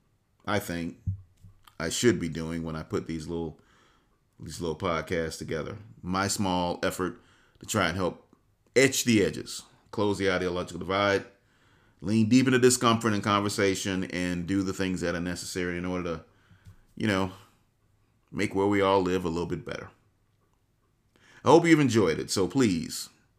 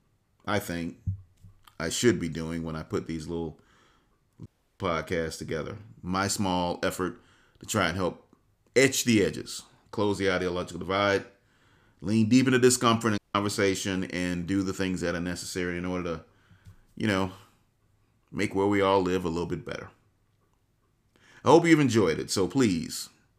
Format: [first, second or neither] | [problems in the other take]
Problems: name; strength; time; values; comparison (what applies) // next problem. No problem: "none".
first | audio cutting out; at 4.5 s and at 13 s